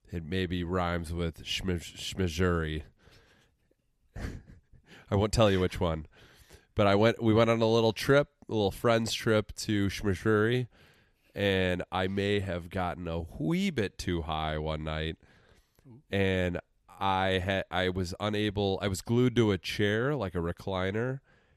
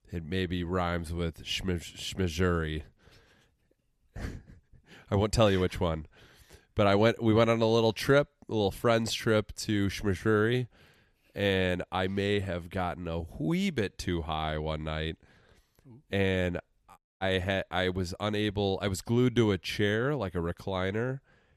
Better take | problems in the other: first | audio cutting out; at 17 s

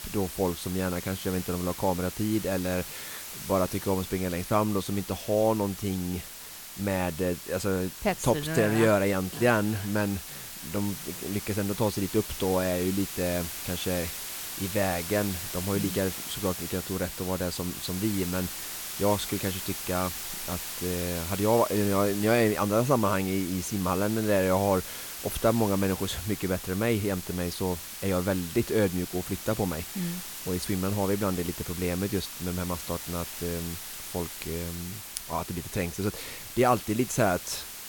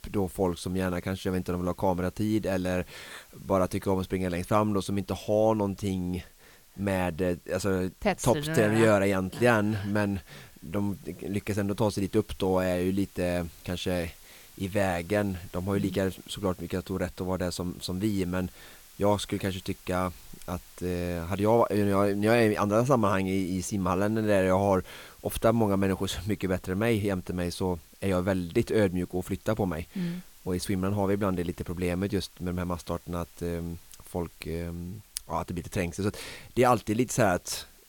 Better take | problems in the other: second | hiss; loud; throughout; 7 dB below the speech; faint in the second

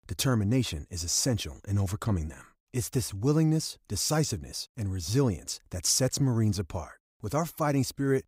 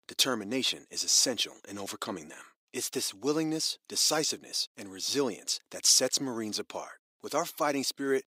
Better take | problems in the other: first | thin; somewhat; fading below 300 Hz

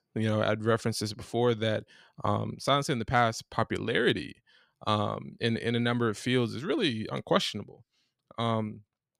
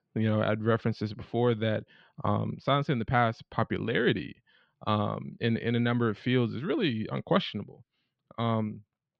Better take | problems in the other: first | muffled; slightly; fading above 3.5 kHz

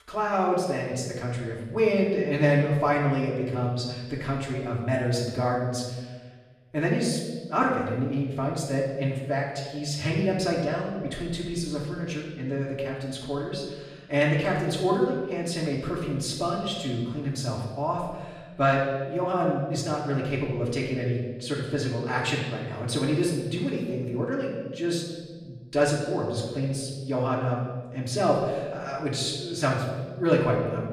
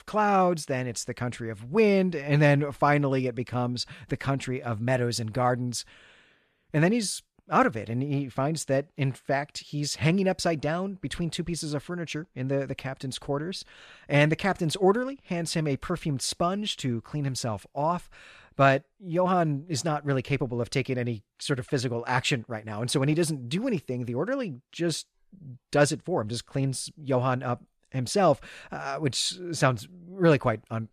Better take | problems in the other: second | off-mic speech; far // room echo; noticeable; dies away in 1.3 s

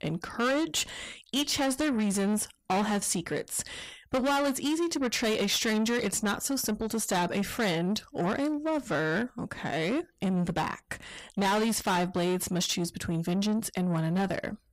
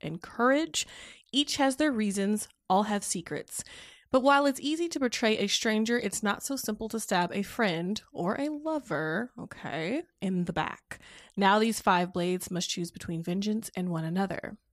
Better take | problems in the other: second | distortion; heavy; 6 dB below the speech

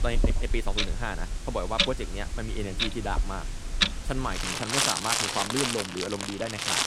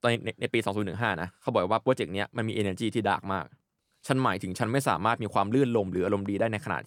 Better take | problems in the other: second | household noises; very loud; throughout; 5 dB above the speech

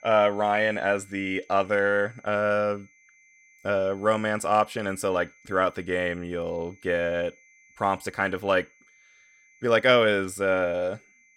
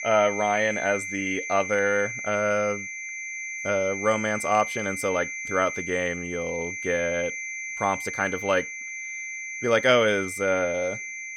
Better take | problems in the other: first | high-pitched whine; loud; throughout; 2 kHz, 6 dB below the speech; faint in the first

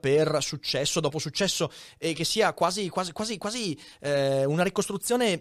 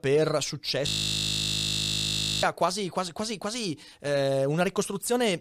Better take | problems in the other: first | audio freezing; at 1 s for 1.5 s

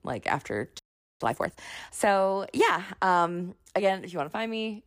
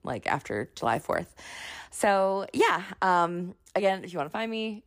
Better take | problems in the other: second | audio freezing; at 1 s

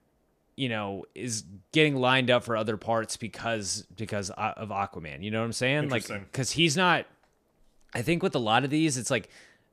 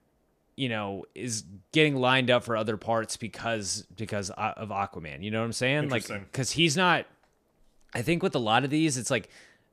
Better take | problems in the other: neither | none

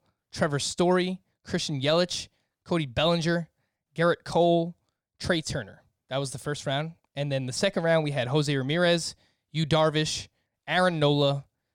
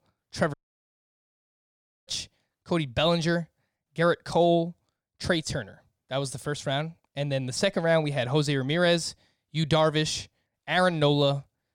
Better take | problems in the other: first | audio cutting out; at 0.5 s for 1.5 s

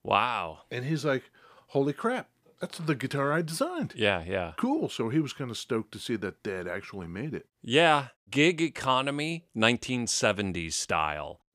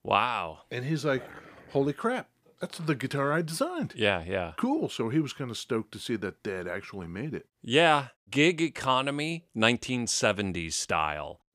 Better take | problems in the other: first | dog barking; faint; at 1 s; peak 20 dB below the speech

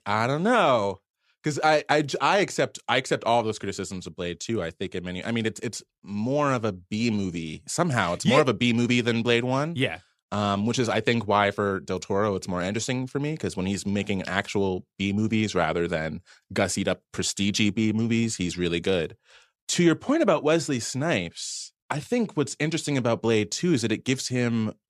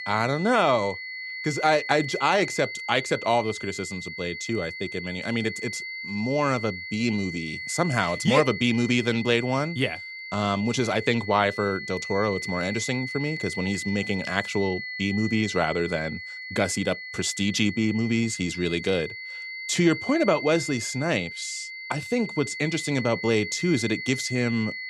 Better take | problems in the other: first | high-pitched whine; loud; throughout; 2 kHz, 8 dB below the speech

